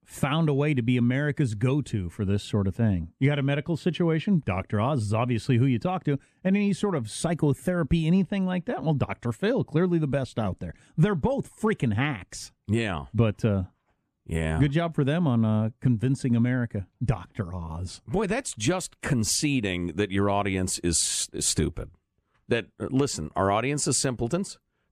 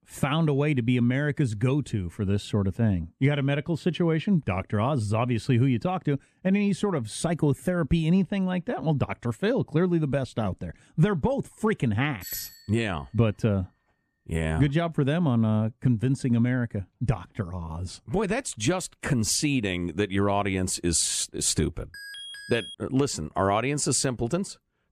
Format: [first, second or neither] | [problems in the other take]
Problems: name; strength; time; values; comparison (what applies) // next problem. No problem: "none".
first | doorbell; noticeable; at 12 s; peak 9 dB below the speech // alarm; faint; at 22 s; peak 10 dB below the speech